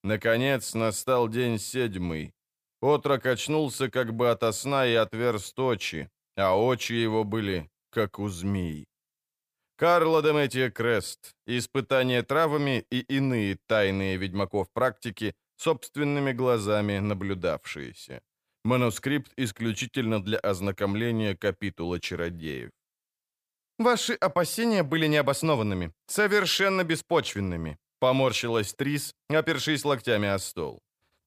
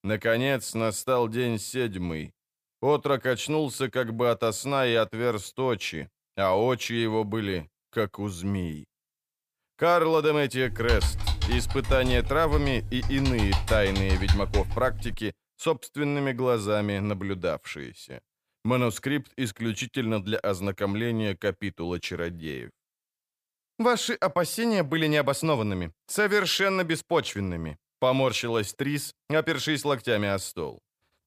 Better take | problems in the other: first | keyboard typing; loud; from 11 to 15 s; peak 1 dB above the speech

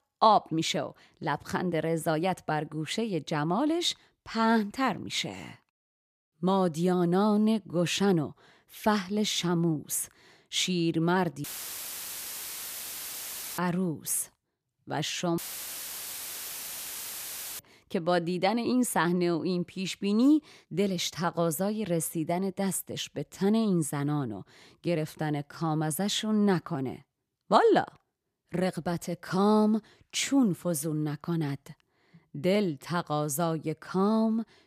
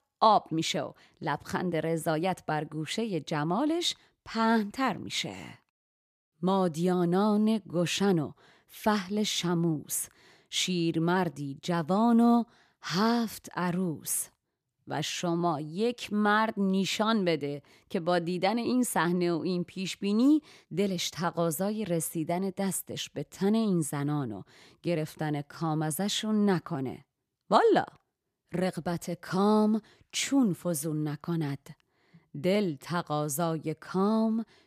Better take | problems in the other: second | audio cutting out; filled with static; at 11 s for 2 s and at 15 s for 2 s

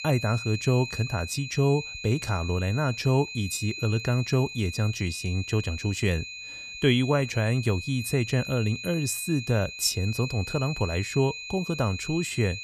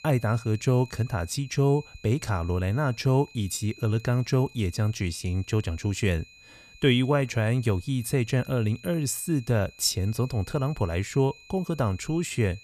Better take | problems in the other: second | high-pitched whine; loud; throughout; 2.5 kHz, 9 dB below the speech; faint in the second

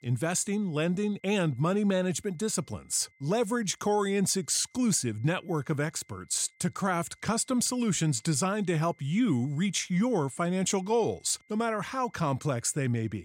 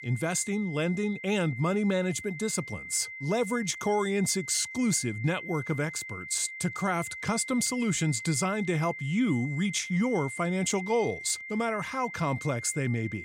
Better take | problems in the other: first | high-pitched whine; loud; throughout; 2 kHz, 10 dB below the speech; faint in the first

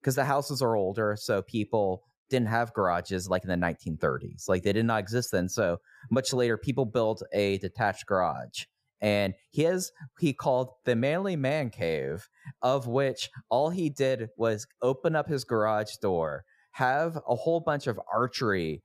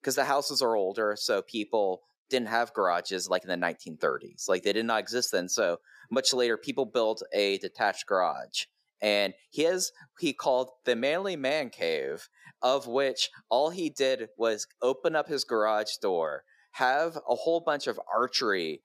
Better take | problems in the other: first | thin; somewhat; fading below 300 Hz

